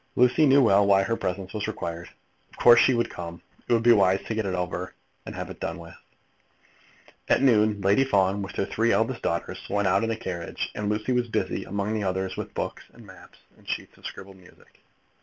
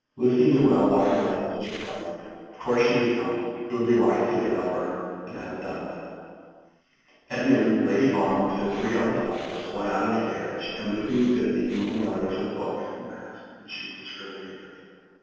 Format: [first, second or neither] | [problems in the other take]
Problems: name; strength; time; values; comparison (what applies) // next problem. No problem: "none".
first | noise reduction (neural separator model SepFormer DNS4)